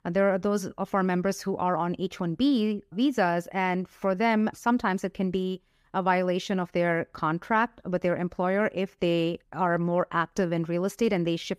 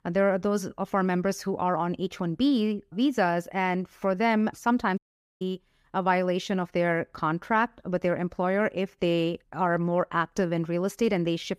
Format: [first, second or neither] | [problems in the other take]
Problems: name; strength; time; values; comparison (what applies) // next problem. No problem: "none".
first | audio cutting out; at 5 s